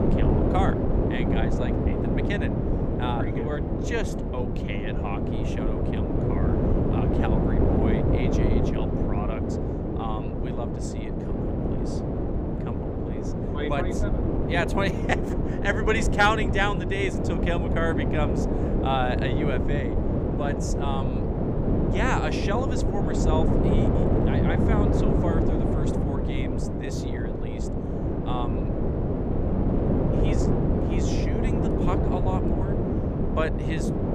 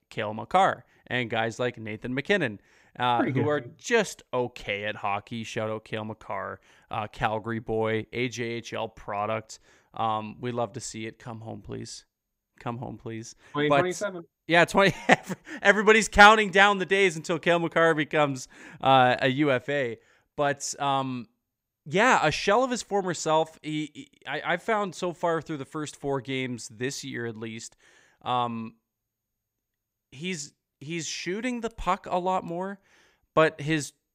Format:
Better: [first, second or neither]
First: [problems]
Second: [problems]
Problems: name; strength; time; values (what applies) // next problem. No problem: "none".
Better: second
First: wind noise on the microphone; heavy; as loud as the speech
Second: none